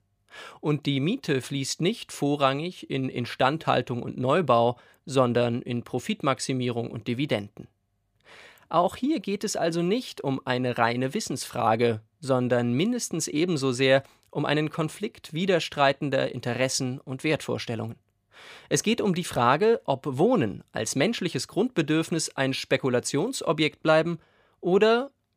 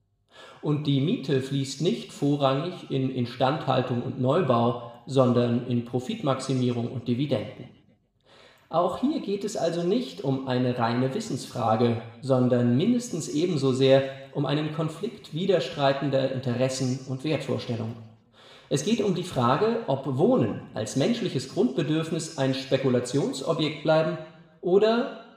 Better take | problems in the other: first | room echo; slight; dies away in 1 s // off-mic speech; somewhat distant

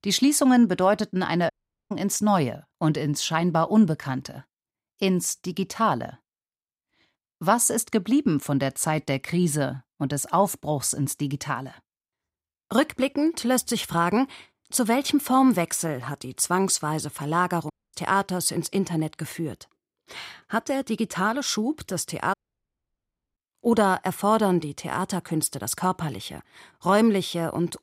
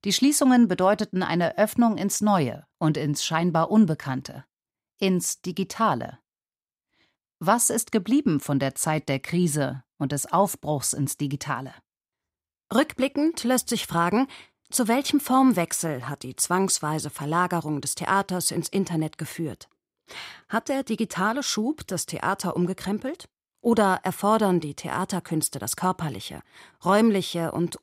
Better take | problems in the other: second | audio cutting out; at 1.5 s, at 18 s and at 22 s for 1 s

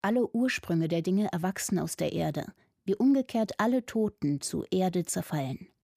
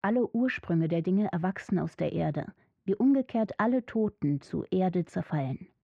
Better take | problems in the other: first | muffled; very; fading above 2 kHz

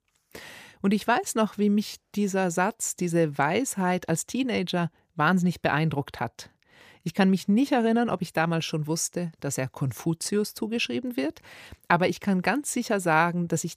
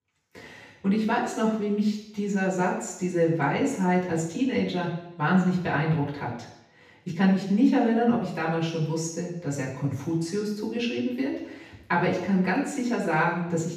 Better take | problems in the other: first | room echo; noticeable; dies away in 0.8 s // off-mic speech; far

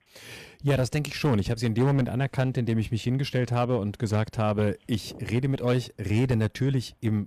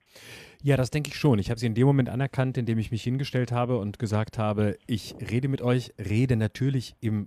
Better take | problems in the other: second | distortion; slight; 10% of the sound clipped

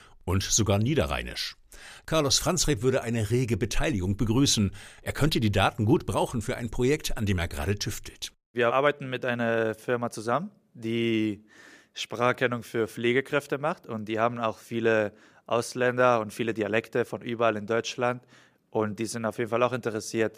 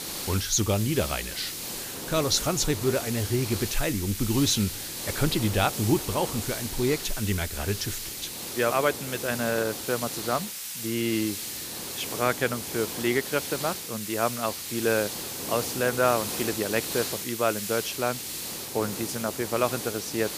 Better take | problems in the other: first | hiss; loud; throughout; 4 dB below the speech

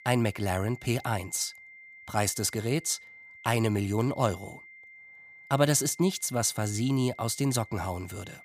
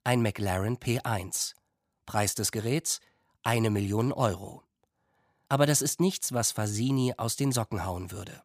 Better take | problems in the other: second | high-pitched whine; noticeable; throughout; 2 kHz, 20 dB below the speech

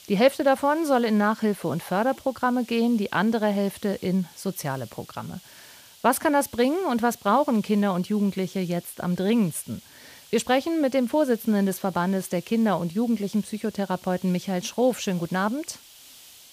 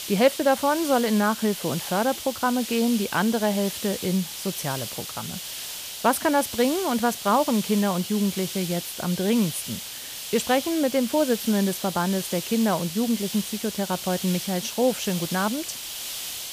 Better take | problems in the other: first | hiss; loud; throughout; 7 dB below the speech; faint in the first

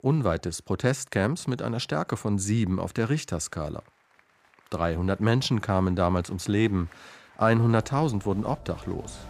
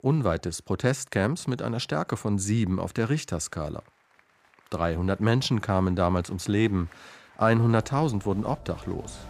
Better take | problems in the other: neither | crowd noise; faint; throughout; 25 dB below the speech; the same in both

